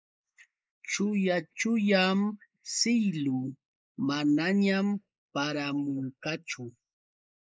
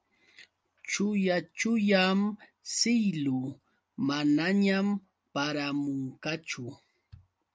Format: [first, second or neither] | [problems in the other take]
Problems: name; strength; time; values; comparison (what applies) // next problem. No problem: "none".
second | noise reduction (neural mask model Resemble Enhance denoiser)